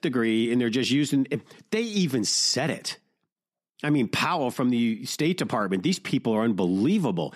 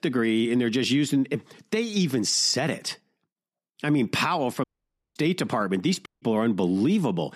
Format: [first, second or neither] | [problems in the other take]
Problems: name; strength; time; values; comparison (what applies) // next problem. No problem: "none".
first | audio cutting out; at 4.5 s for 0.5 s and at 6 s